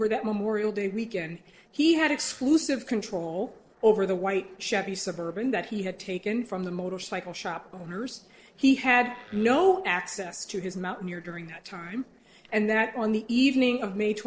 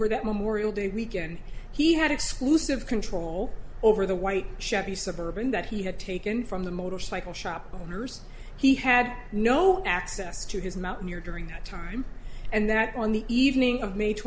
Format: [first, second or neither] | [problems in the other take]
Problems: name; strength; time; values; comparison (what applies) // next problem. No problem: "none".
second | noise reduction (neural separator model SepFormer DNS4)